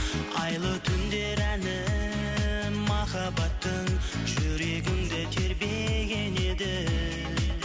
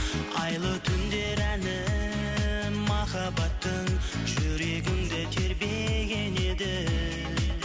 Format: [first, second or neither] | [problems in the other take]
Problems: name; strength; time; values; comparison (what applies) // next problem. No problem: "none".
first | background sound (Slam); 19 dB below the speech